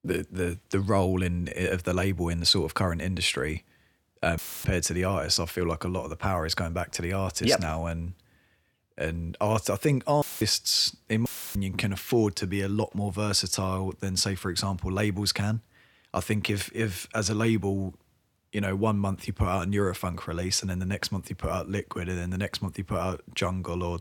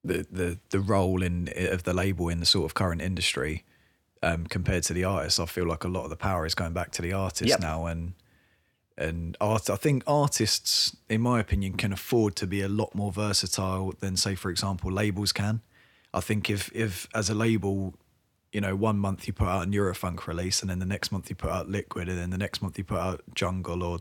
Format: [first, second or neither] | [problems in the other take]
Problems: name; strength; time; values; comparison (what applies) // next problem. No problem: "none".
second | audio cutting out; filled with static; at 4.5 s, at 10 s and at 11 s